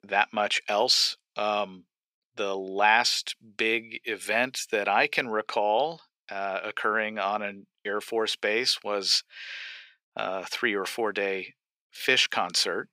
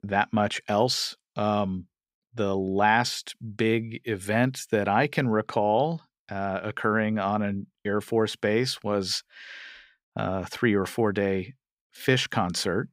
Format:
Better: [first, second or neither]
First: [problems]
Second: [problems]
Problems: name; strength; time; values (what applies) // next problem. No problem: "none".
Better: second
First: thin; somewhat; fading below 450 Hz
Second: none